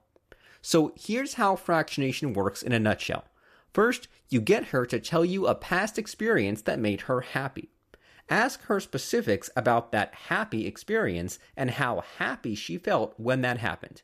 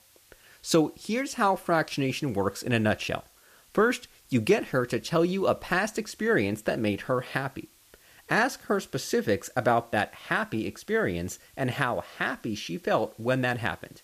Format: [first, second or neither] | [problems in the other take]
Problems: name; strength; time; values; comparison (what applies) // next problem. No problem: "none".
first | hiss; faint; throughout; 30 dB below the speech